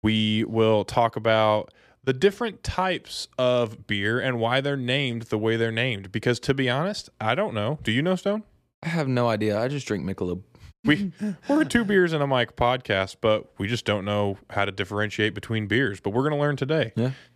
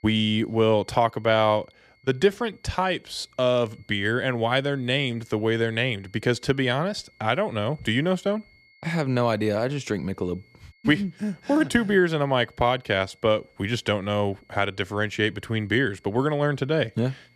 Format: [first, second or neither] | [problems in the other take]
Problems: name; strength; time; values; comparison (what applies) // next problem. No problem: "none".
first | high-pitched whine; faint; throughout; 2 kHz, 35 dB below the speech